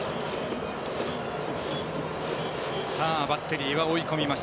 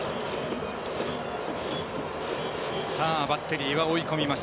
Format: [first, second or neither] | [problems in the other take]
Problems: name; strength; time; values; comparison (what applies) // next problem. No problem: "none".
second | background sound (Traffic noise, roadway noise); 11 dB below the speech